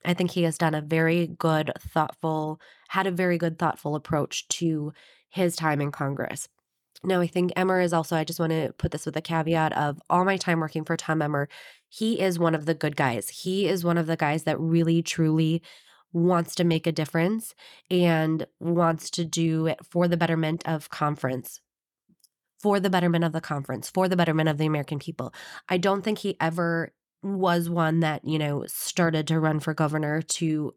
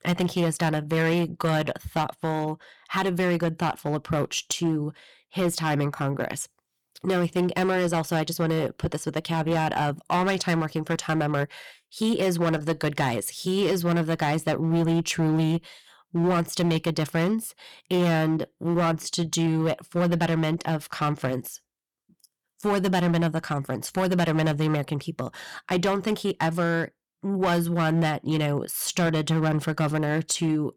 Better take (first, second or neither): first